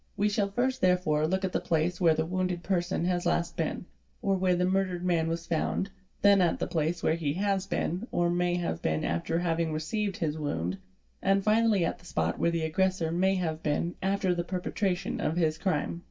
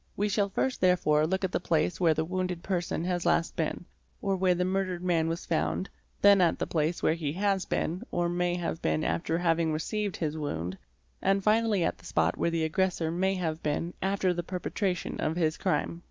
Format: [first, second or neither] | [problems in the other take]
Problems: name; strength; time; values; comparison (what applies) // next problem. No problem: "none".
second | room echo; dies away in 0.2 s